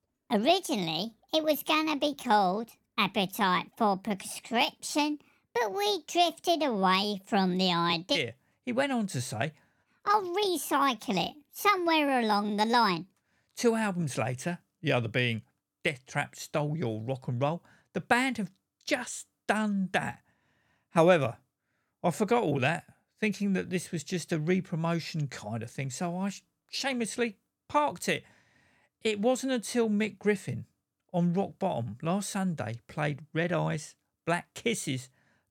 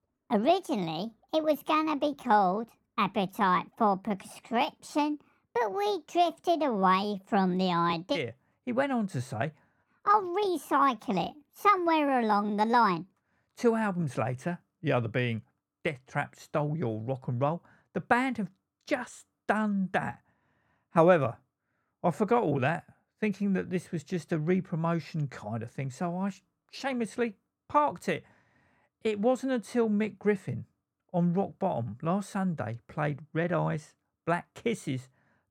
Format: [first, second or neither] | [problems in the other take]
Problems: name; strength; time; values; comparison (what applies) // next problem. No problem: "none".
first | muffled; slightly; fading above 2 kHz